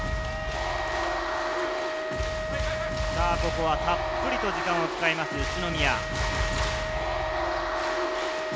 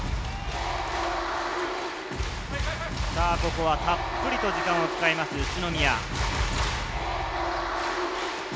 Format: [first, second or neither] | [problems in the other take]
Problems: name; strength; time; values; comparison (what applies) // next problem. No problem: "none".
second | background sound (Wind instrument, woodwind instrument); 5 dB below the speech